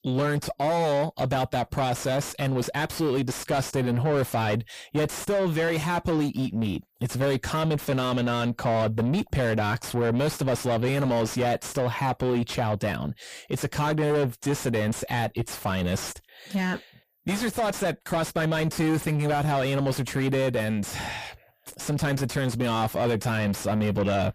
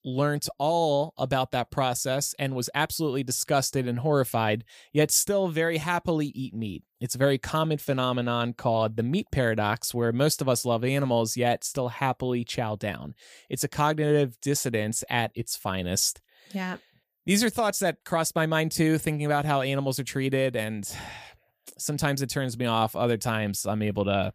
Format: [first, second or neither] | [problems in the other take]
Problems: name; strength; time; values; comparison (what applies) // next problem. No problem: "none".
second | distortion; heavy; 5 dB below the speech